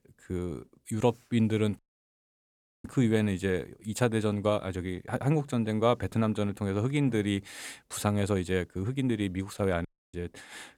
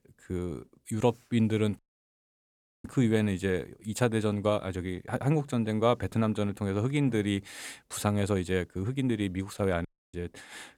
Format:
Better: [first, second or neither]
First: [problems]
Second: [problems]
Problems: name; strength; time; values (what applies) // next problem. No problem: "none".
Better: neither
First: audio cutting out; at 2 s for 1 s and at 10 s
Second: audio cutting out; at 2 s for 1 s and at 10 s